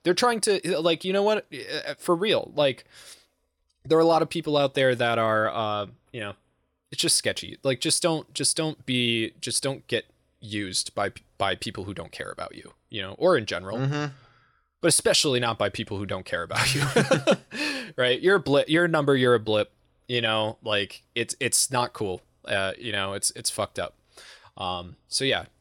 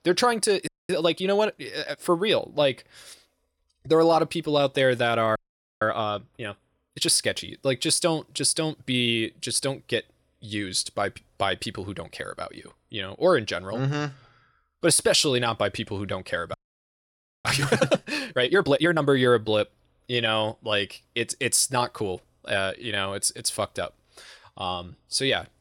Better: first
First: none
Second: audio freezing; at 0.5 s, at 5.5 s and at 17 s for 1 s

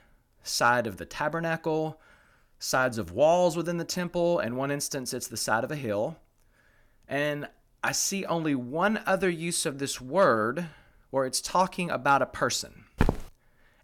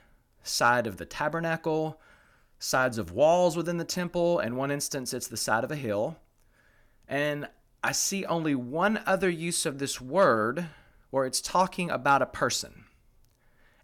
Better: second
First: footsteps; noticeable; at 13 s; peak 2 dB below the speech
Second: none

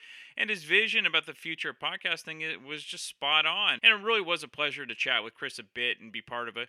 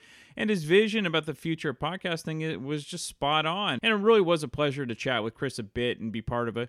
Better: second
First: thin; somewhat; fading below 750 Hz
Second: none

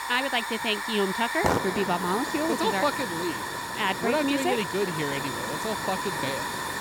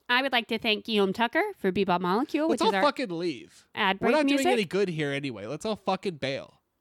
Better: second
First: hiss; loud; throughout; 2 dB below the speech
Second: none

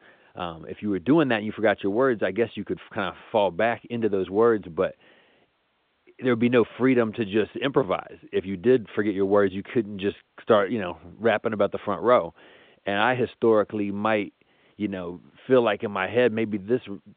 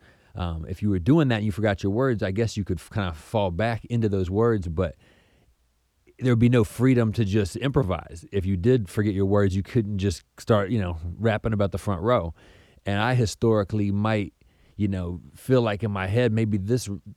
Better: second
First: phone-call audio; nothing above 3.5 kHz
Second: none

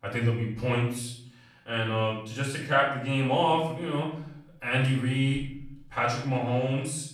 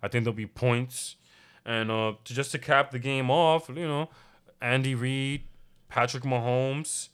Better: second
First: off-mic speech; far // room echo; noticeable; dies away in 0.6 s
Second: none

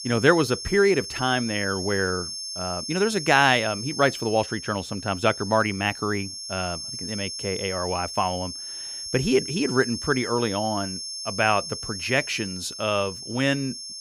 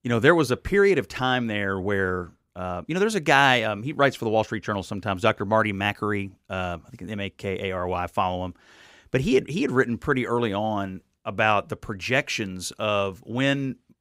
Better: second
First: high-pitched whine; loud; throughout; 5.5 kHz, 7 dB below the speech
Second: none

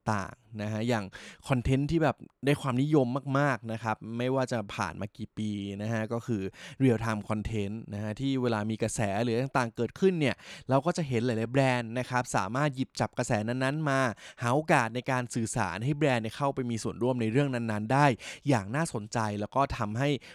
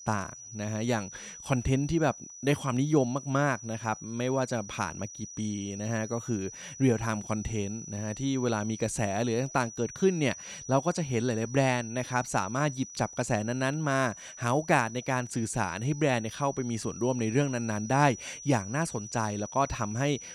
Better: first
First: none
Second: high-pitched whine; noticeable; throughout; 6 kHz, 15 dB below the speech

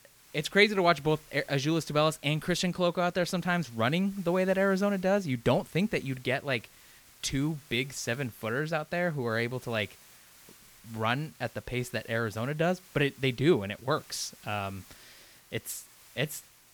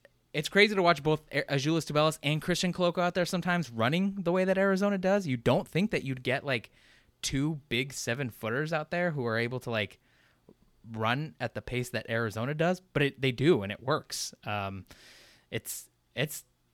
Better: second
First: hiss; faint; throughout; 25 dB below the speech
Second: none

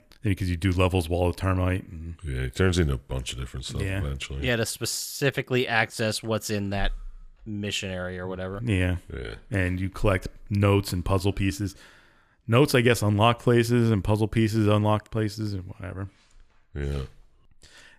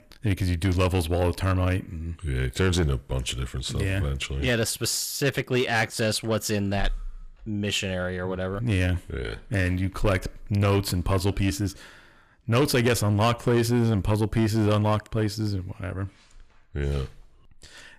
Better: first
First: none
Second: distortion; slight; 10 dB below the speech

